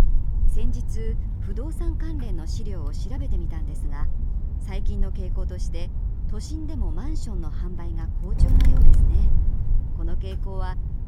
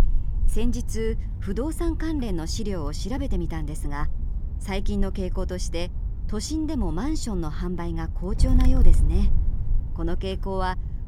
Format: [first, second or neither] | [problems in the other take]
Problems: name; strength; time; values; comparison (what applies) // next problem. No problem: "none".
second | wind noise on the microphone; heavy; 2 dB below the speech; occasional gusts in the second